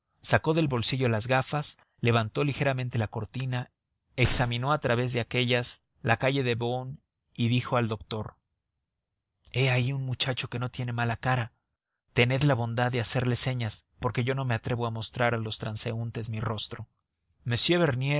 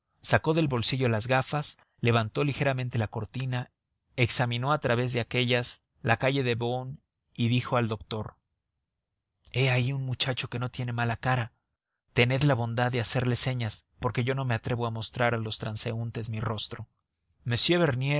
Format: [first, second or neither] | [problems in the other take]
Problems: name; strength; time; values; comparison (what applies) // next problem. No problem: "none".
second | background sound (Gunshot, gunfire); 12 dB below the speech